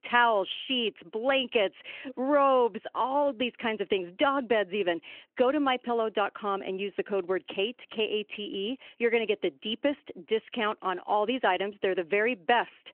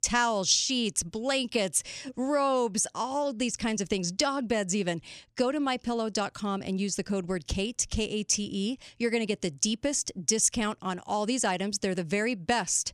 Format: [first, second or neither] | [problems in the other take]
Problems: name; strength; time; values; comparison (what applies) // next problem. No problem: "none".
second | phone-call audio; nothing above 3 kHz